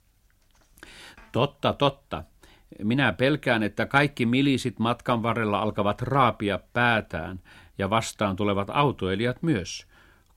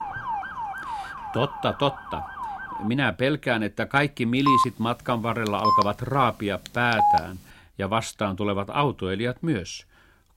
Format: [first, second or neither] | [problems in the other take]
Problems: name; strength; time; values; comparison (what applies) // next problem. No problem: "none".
first | siren; noticeable; until 3 s; peak 5 dB below the speech // phone ringing; loud; from 4.5 to 7 s; peak 4 dB above the speech